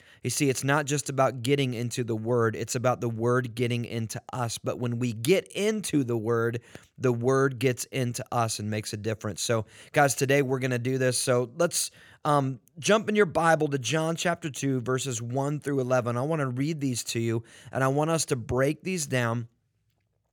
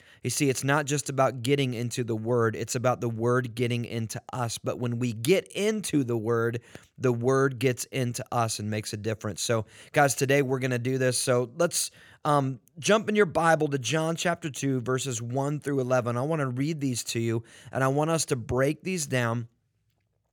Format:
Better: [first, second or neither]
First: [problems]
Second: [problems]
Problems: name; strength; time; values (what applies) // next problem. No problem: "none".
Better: neither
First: none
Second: none